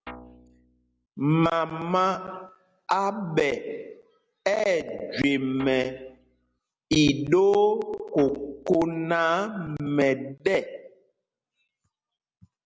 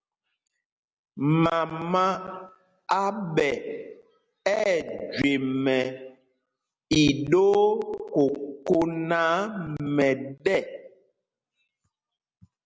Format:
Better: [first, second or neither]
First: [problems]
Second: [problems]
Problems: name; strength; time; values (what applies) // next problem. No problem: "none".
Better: second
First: background sound (Guitar); 20 dB below the speech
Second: none